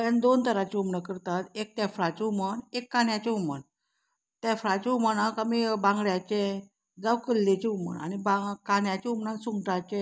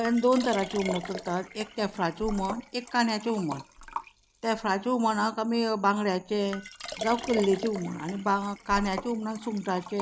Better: first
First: none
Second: background sound (Liquid); 12 dB below the speech

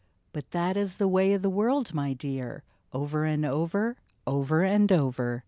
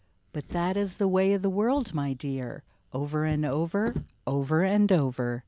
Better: first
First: none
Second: background sound (Drawer open or close); 17 dB below the speech

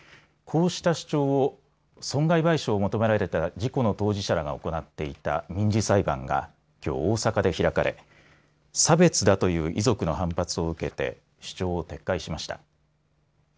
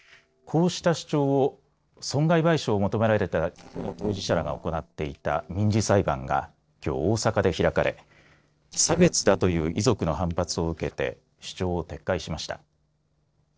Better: first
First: none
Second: noise reduction (neural separator model SepFormer DNS4)

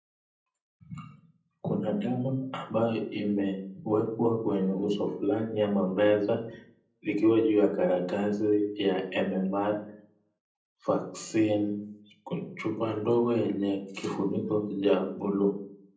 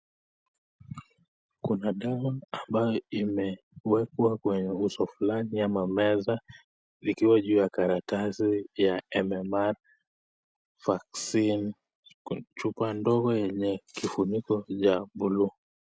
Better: second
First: room echo; dies away in 0.6 s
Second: none

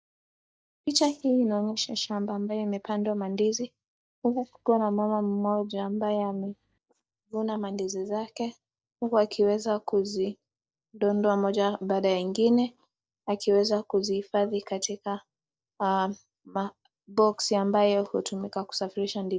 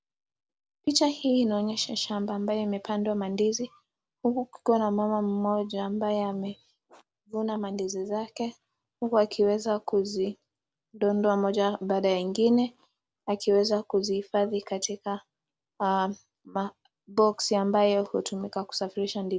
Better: second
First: noise reduction (neural mask model DeepFilterNet 3)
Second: none

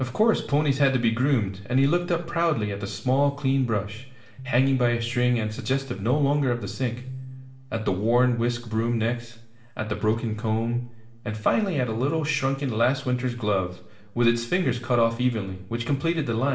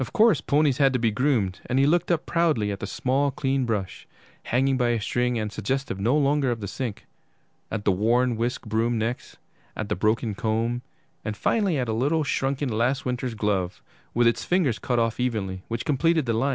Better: second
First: background sound (Piano); 17 dB below the speech // room echo; dies away in 0.7 s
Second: none

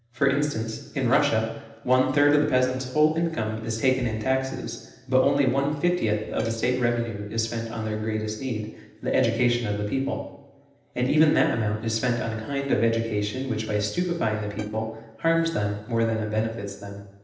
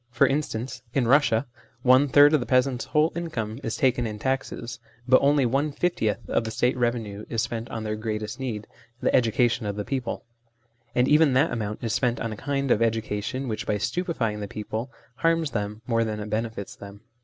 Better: second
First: noise reduction (neural separator model SepFormer DNS4)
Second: none

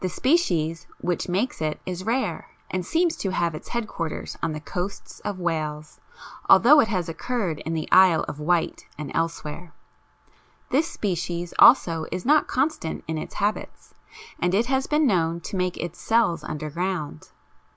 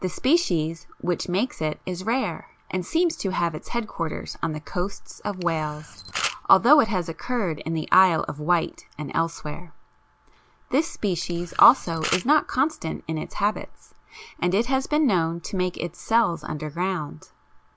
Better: first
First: none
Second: background sound (Camera); 9 dB below the speech

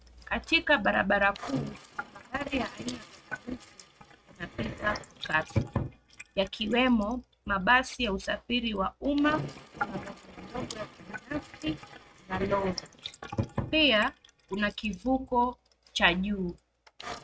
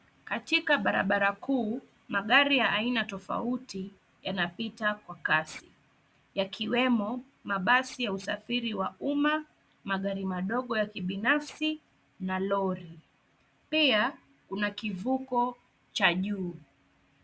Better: second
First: noise reduction (neural mask model RNNoise)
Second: none

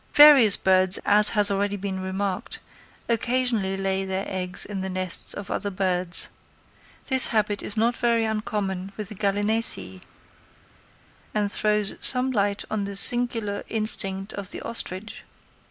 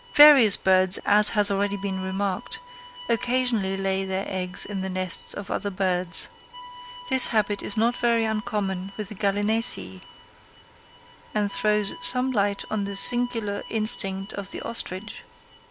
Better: first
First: none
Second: background sound (Bowed string instrument); 19 dB below the speech

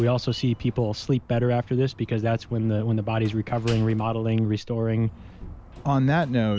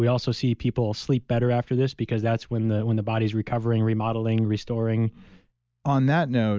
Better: second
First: background sound (Slam); 20 dB below the speech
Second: none

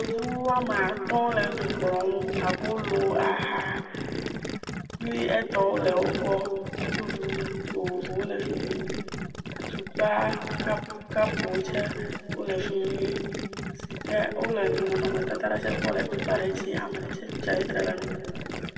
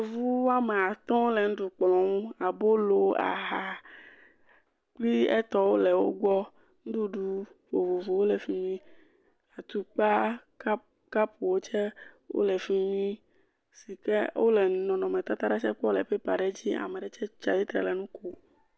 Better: second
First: background sound (Gurgling); 5 dB below the speech // room echo; dies away in 1.8 s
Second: none

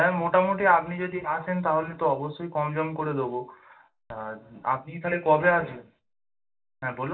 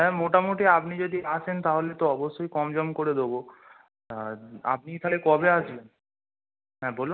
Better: second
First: room echo; dies away in 0.2 s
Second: none

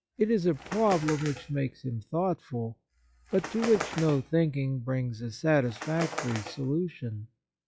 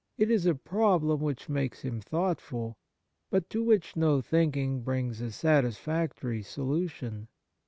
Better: second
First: noise reduction (classical method log-MMSE)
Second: none

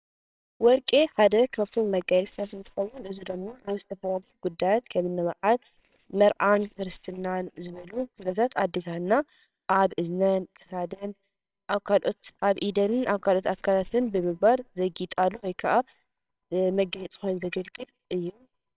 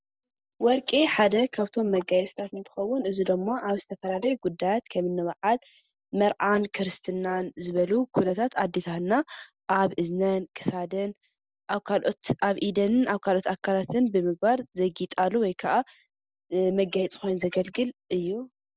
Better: second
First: noise reduction (neural separator model SepFormer WHAMR!)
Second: none

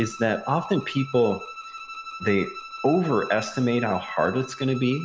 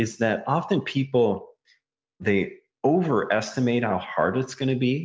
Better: second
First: background sound (Bowed string instrument); 14 dB below the speech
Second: none

